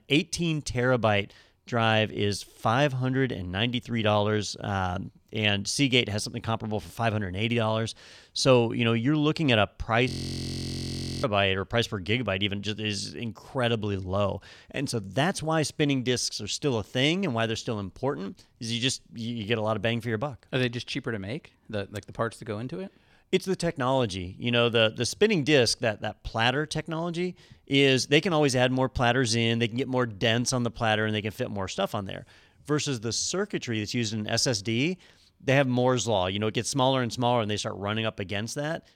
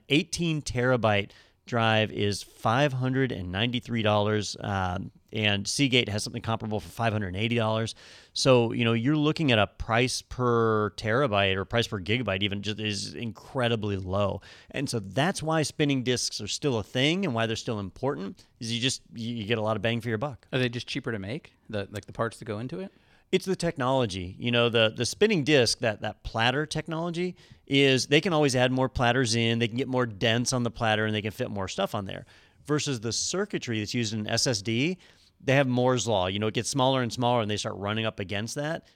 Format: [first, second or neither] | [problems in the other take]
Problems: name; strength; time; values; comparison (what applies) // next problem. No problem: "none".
second | audio freezing; at 10 s for 1 s